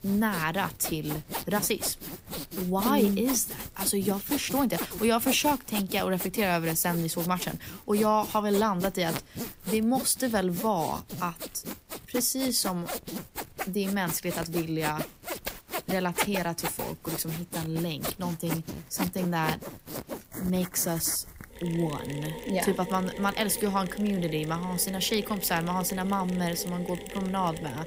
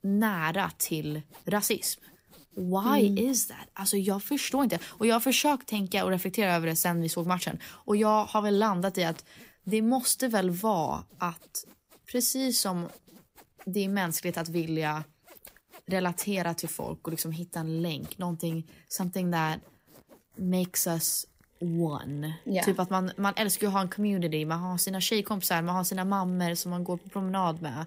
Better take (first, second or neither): second